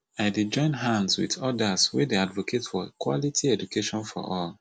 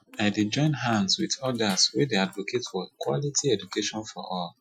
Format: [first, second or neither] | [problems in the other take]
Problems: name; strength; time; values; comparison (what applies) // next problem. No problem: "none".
first | noise reduction (classical method Wiener filter)